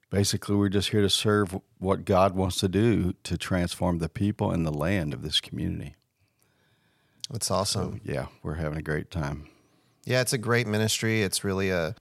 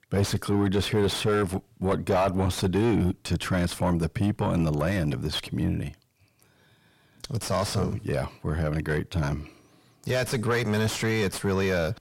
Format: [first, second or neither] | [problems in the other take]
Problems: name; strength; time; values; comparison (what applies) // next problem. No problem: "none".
first | distortion; heavy; 6 dB below the speech